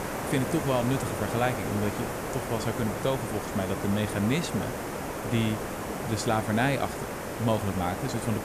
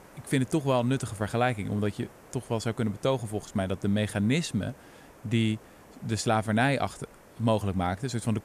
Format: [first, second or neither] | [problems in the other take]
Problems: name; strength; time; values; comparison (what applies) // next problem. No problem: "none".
second | hiss; loud; throughout; 3 dB below the speech; faint in the second